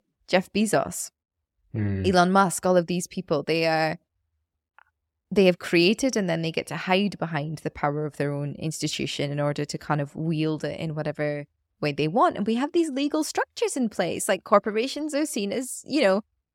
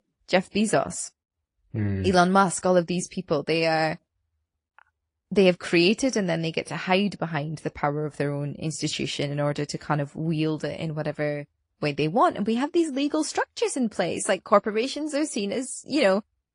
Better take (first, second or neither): first